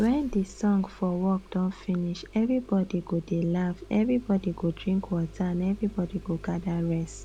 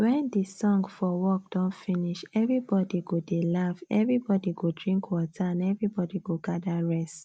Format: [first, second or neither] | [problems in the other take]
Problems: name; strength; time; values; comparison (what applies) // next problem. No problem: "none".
second | background sound (Engine starting); 18 dB below the speech